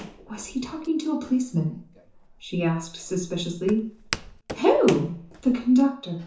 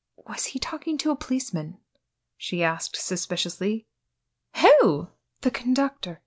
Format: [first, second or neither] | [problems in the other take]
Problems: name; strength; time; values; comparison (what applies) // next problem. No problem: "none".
second | background sound (Walk, footsteps); 15 dB below the speech // room echo; dies away in 0.6 s